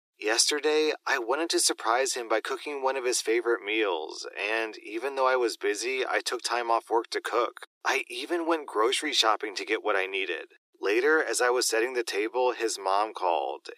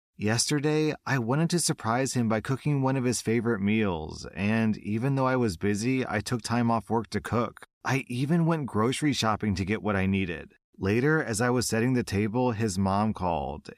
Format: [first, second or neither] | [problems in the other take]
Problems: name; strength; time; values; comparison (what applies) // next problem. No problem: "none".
second | thin; very; fading below 350 Hz